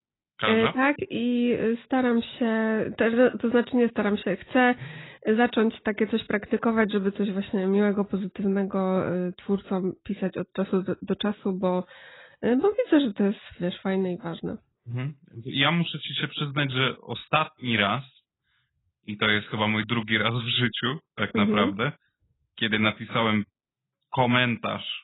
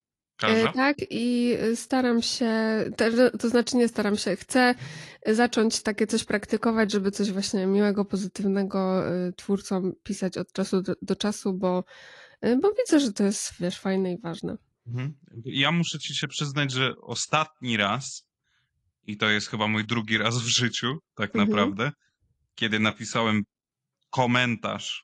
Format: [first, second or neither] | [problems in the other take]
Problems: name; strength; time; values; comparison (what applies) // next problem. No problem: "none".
second | garbled, watery; badly; nothing above 4 kHz; slightly in the second